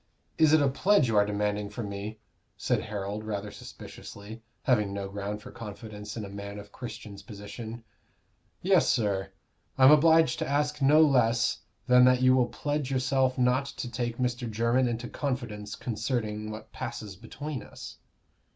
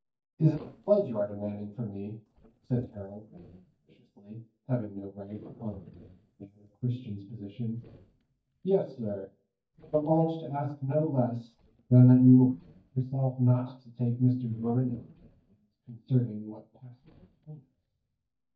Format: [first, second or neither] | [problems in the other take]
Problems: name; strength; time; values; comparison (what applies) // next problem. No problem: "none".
first | noise reduction (neural mask model DeepFilterNet 3)